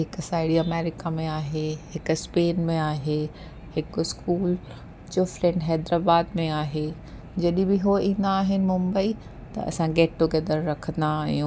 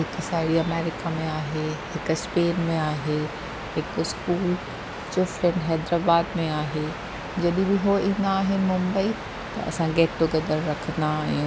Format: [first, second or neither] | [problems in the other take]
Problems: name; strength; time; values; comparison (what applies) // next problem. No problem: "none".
first | background sound (Waves, surf); 10 dB below the speech